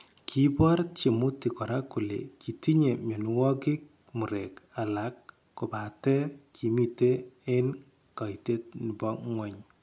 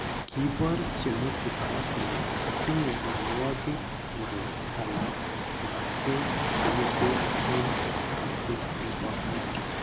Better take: first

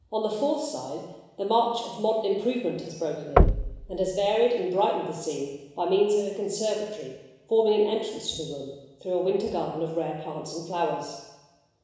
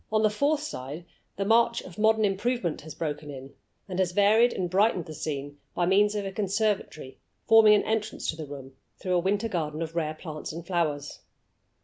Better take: second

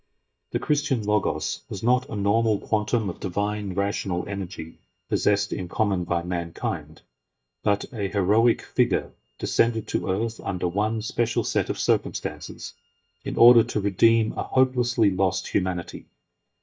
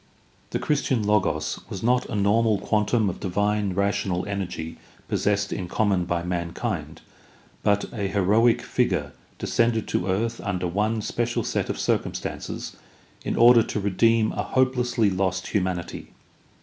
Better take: second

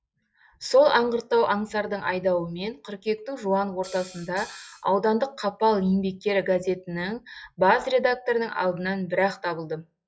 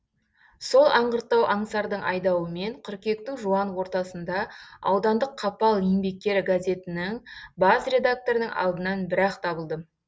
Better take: second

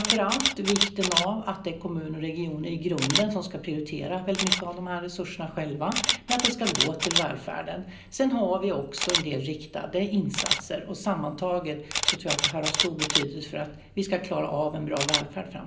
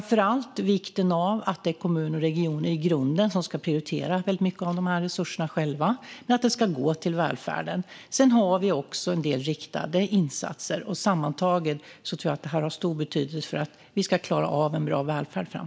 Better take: second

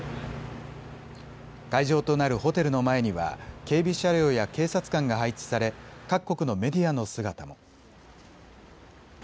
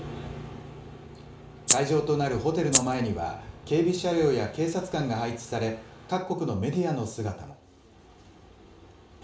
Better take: first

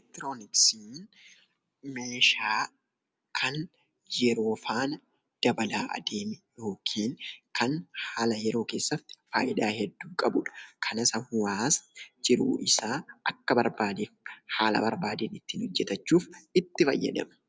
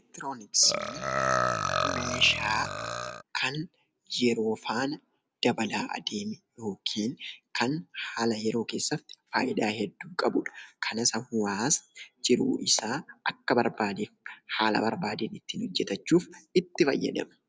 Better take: first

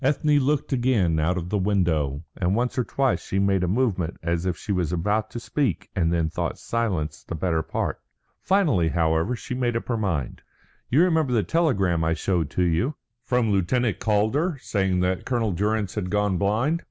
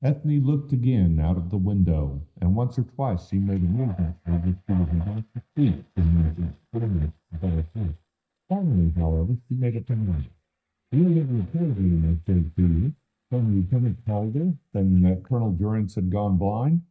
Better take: first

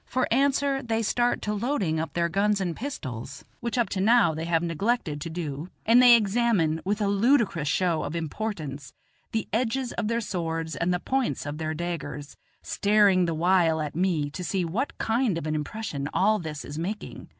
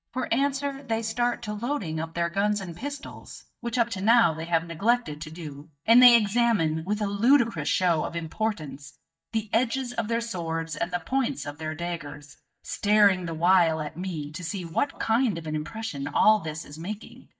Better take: first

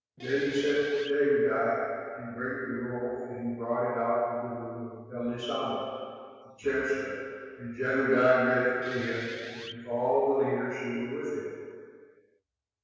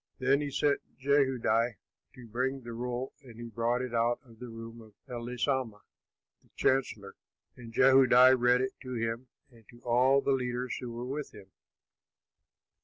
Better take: second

